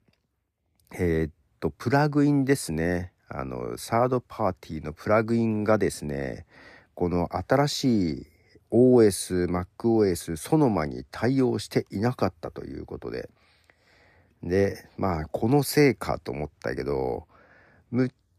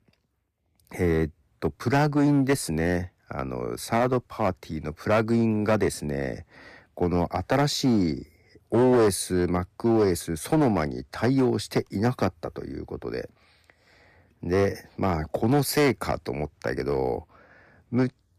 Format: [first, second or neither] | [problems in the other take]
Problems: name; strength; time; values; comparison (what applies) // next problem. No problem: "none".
first | distortion; slight; 5% of the sound clipped